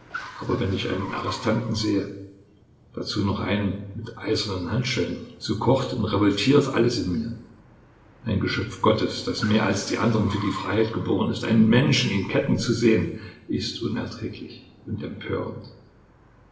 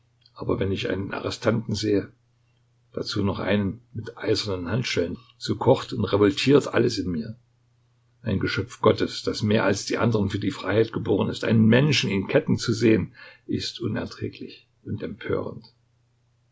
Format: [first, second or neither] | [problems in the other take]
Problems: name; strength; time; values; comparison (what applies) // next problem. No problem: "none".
second | background sound (Car); 19 dB below the speech // room echo; dies away in 0.8 s